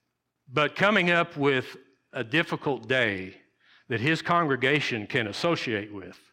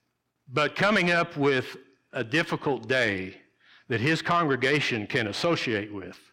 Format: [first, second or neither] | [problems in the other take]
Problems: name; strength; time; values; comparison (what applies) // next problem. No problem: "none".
first | distortion; slight; 10 dB below the speech